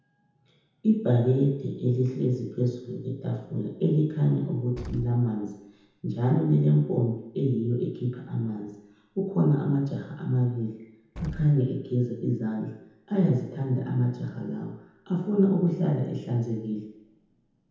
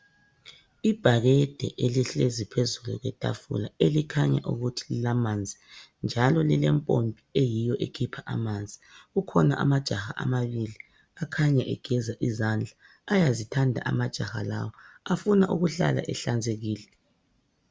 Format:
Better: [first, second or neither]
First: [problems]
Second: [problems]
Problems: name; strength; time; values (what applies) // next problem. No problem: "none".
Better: second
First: background sound (Explosion); 15 dB below the speech // room echo; dies away in 1 s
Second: none